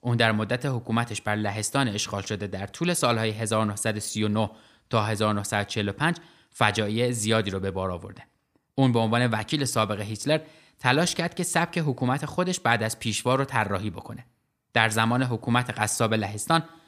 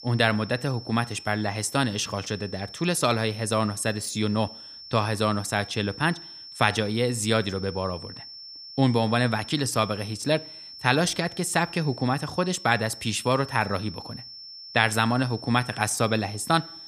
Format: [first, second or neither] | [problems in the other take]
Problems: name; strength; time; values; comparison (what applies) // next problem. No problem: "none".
first | high-pitched whine; noticeable; throughout; 5.5 kHz, 15 dB below the speech